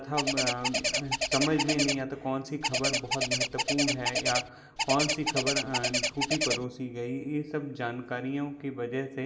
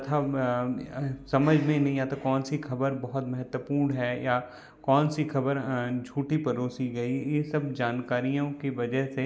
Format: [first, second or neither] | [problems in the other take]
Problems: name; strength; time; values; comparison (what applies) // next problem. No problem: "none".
second | background sound (Bird); 2 dB above the speech // room echo; dies away in 2.8 s